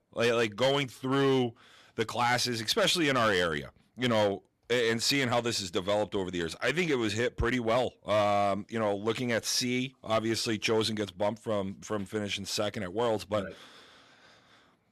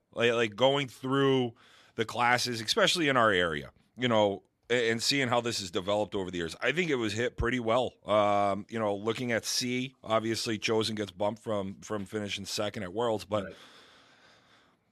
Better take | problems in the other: second | distortion; slight; 5% of the sound clipped

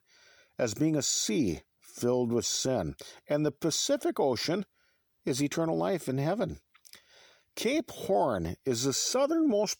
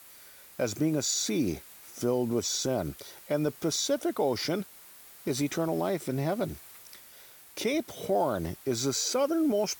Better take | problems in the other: first | hiss; noticeable; throughout; 20 dB below the speech

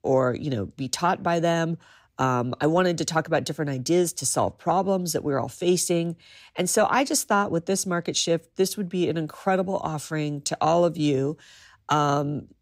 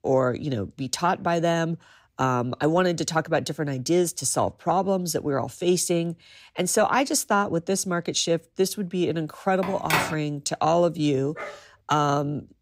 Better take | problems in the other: first | phone ringing; loud; at 9.5 s; peak level with the speech // dog barking; faint; at 11 s; peak 15 dB below the speech

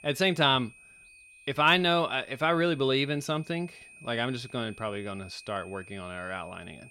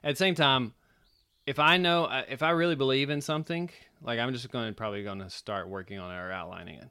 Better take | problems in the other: second | high-pitched whine; faint; throughout; 2.5 kHz, 20 dB below the speech

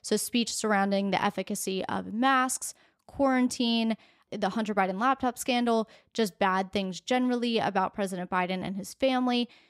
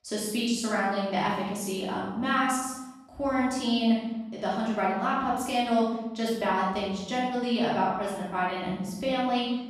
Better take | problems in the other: first | room echo; strong; dies away in 1 s // off-mic speech; far

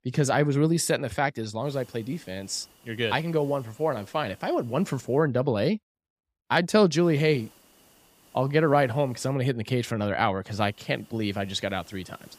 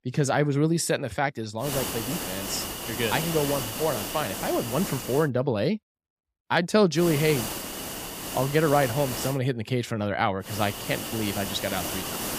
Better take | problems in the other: first | hiss; loud; from 1.5 to 5 s, from 7 to 9.5 s and from 10 s on; 5 dB below the speech; faint in the first

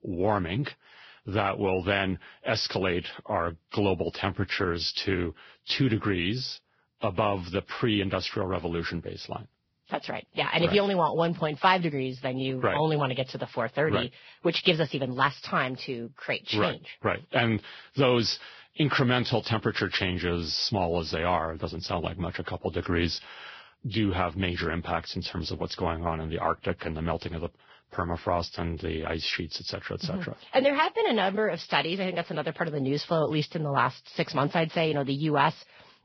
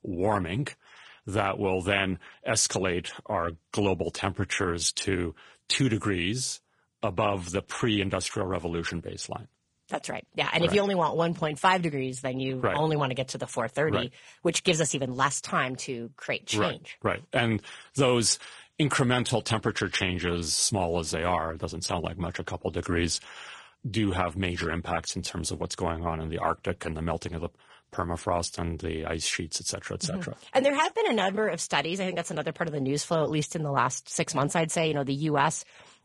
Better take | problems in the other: second | garbled, watery; badly; nothing above 5.5 kHz; slightly in the second

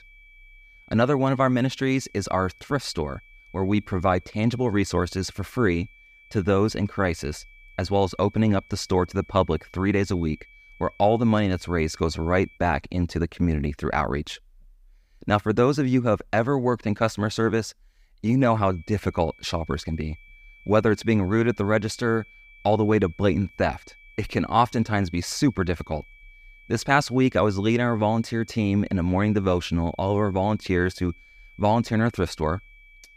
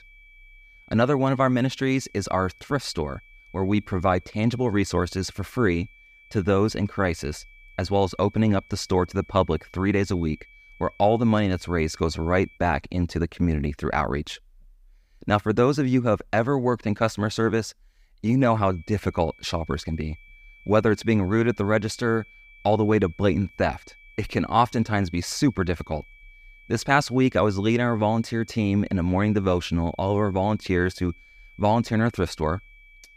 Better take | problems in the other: neither | high-pitched whine; faint; until 13 s and from 19 s on; 2.5 kHz, 25 dB below the speech; the same in both

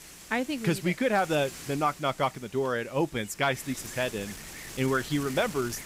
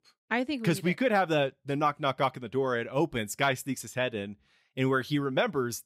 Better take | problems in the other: second | wind noise on the microphone; occasional gusts; 15 dB below the speech

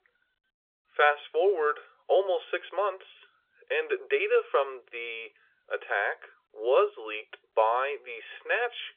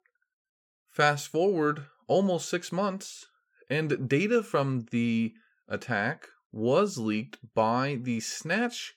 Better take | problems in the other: second | phone-call audio; nothing above 3.5 kHz

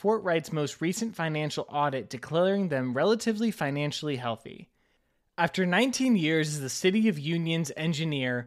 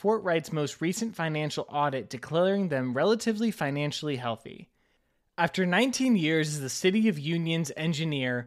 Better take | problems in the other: neither | none

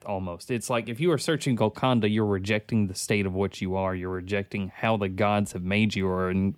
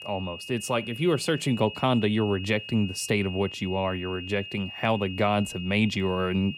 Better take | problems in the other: first | high-pitched whine; noticeable; throughout; 3 kHz, 10 dB below the speech

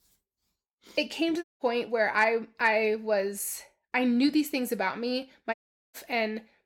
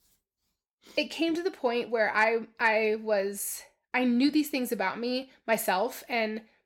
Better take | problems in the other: second | audio cutting out; at 1.5 s and at 5.5 s

